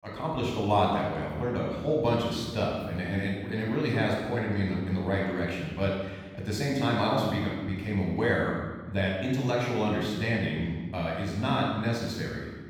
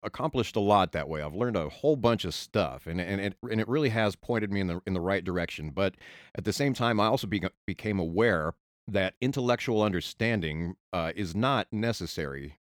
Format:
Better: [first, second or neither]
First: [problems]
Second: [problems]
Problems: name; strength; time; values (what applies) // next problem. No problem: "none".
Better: second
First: off-mic speech; far // room echo; strong; dies away in 1.3 s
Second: none